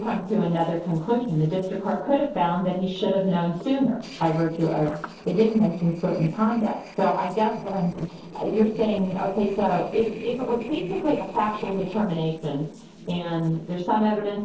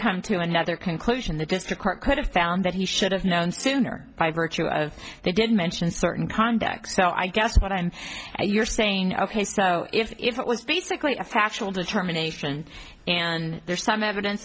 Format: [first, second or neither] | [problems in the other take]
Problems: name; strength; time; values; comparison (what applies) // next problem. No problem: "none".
second | noise reduction (neural separator model SepFormer DNS4)